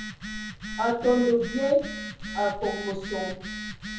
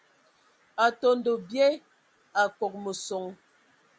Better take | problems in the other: second | background sound (Telephone); 8 dB below the speech // room echo; dies away in 0.6 s

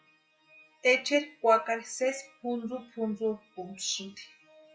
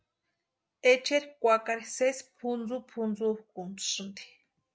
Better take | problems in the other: second | noise reduction (classical method WPE with log-MMSE)

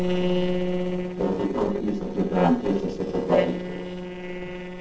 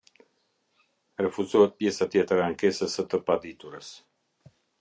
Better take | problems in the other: second | noise reduction (neural separator model SepFormer DNS4)

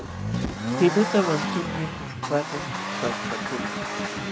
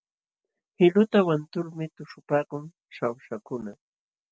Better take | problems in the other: second | background sound (Accelerating, revving, vroom); 1 dB below the speech

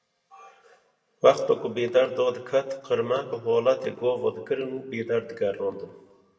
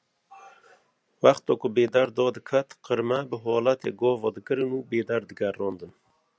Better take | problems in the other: second | room echo; dies away in 0.8 s

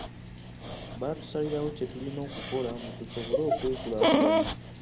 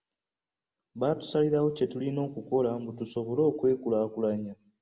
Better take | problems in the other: second | background sound (Dog); 3 dB above the speech

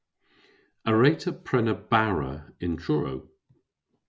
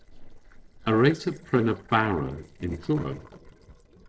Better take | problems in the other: first | noise reduction (neural separator model SepFormer DNS4)

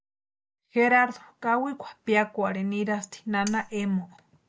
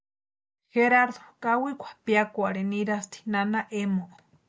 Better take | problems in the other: second | background sound (Cutlery, silverware); 15 dB below the speech

